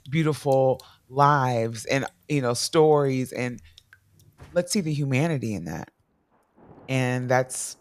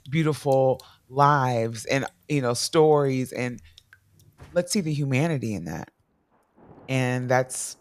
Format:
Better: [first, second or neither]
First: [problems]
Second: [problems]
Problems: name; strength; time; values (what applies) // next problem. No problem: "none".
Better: neither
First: rain or running water; faint; throughout; 30 dB below the speech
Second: rain or running water; faint; throughout; 30 dB below the speech